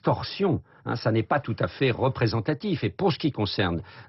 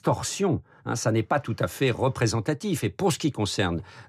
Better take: second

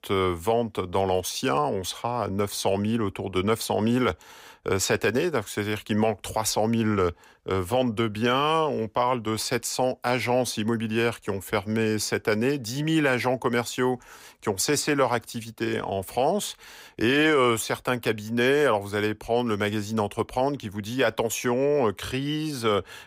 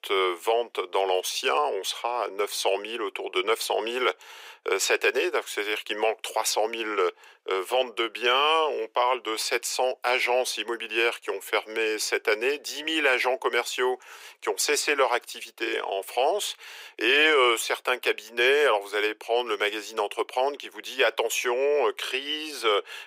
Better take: first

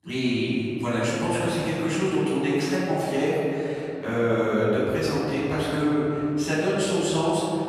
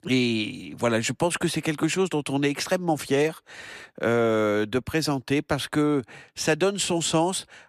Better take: second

